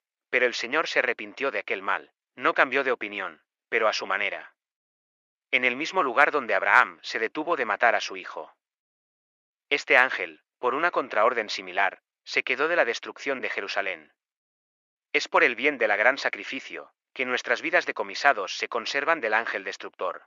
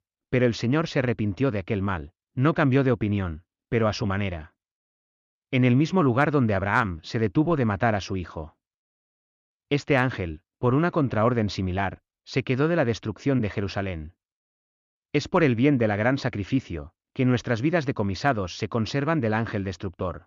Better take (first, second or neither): second